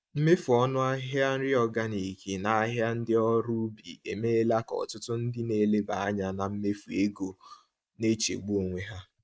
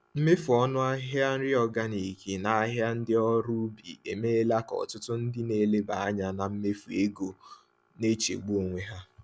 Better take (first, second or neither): second